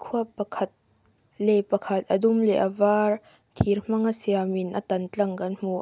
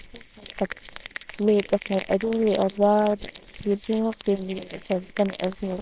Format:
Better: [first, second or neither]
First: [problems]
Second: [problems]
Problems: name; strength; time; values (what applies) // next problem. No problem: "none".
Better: first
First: none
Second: noise reduction (neural separator model SepFormer WHAMR!)